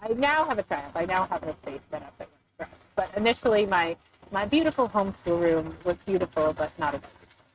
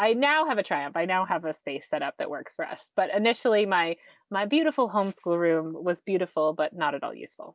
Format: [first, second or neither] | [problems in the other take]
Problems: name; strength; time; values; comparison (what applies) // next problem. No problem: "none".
second | noise reduction (neural mask model RNNoise)